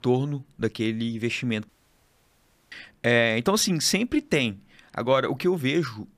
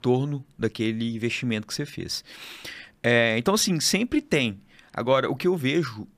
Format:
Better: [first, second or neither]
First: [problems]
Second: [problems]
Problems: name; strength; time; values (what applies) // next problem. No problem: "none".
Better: second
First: audio cutting out; at 1.5 s for 1 s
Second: none